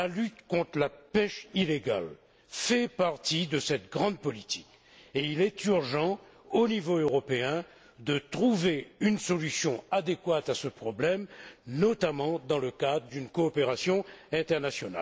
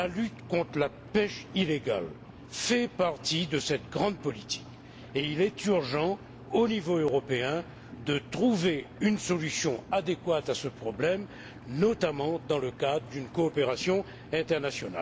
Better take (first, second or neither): first